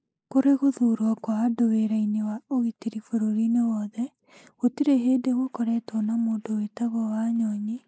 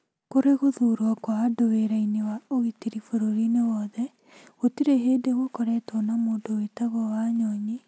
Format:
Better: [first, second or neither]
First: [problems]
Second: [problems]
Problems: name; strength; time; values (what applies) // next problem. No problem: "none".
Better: second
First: noise reduction (neural mask model Resemble Enhance denoiser)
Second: none